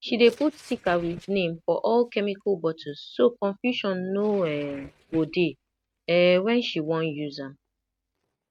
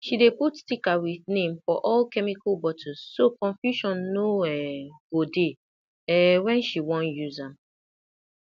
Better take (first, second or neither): second